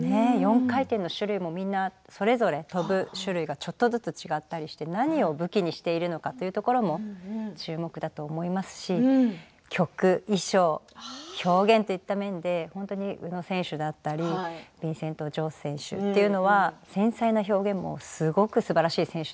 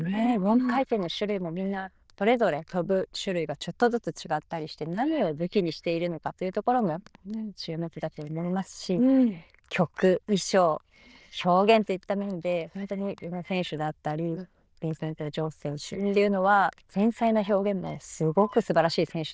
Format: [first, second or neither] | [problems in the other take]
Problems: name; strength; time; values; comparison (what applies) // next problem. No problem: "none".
first | noise reduction (neural diffusion model UNIVERSE++)